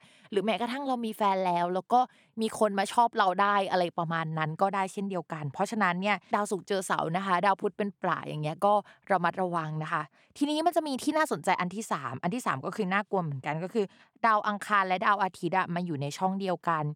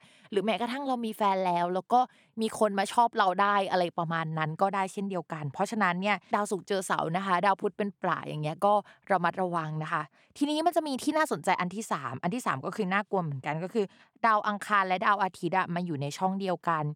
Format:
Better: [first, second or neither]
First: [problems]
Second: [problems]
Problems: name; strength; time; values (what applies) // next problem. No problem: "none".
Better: neither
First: none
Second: none